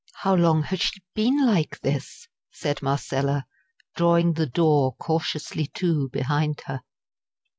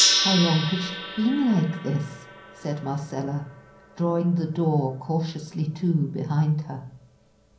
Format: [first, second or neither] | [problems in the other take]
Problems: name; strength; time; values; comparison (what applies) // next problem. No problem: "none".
first | background sound (Gong); 5 dB below the speech // room echo; dies away in 0.6 s